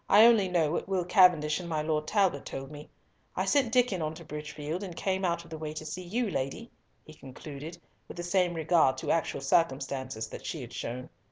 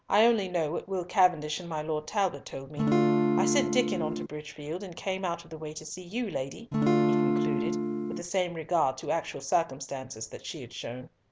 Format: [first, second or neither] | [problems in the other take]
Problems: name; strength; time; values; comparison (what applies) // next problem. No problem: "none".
first | background sound (Acoustic guitar / Strum); 5 dB above the speech